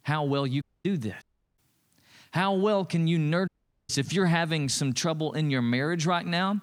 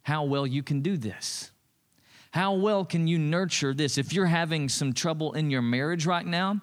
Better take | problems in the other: second | audio cutting out; at 0.5 s, at 1 s and at 3.5 s

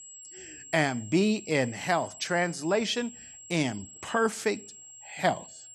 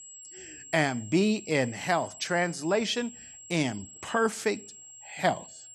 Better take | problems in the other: neither | high-pitched whine; noticeable; throughout; 7.5 kHz, 15 dB below the speech; the same in both

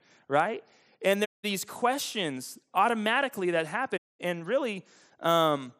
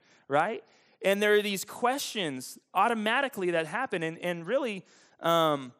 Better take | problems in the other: second | audio cutting out; at 1.5 s and at 4 s

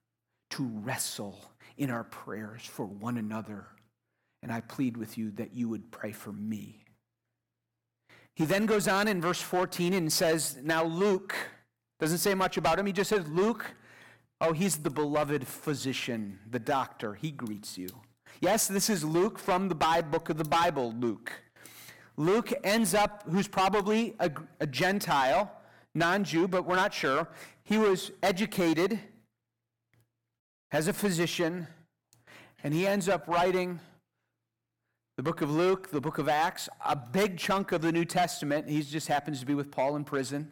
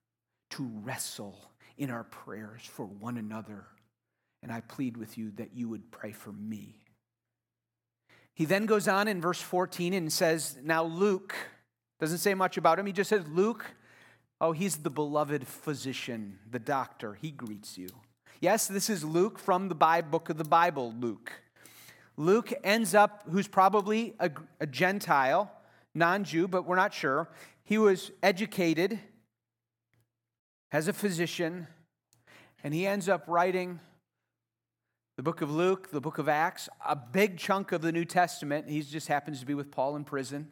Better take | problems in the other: second | distortion; heavy; 7% of the sound clipped

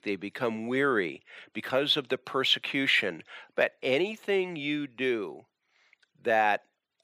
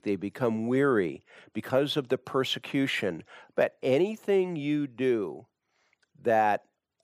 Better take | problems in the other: second | thin; very slightly; fading below 400 Hz

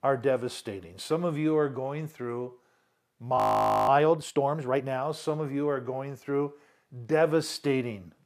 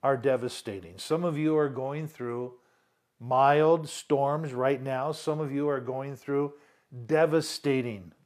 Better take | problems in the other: second | audio freezing; at 3.5 s for 0.5 s

